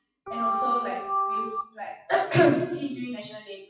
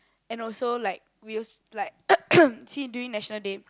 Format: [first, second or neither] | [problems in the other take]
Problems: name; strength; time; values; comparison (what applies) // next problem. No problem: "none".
second | noise reduction (classical method WPE with log-MMSE)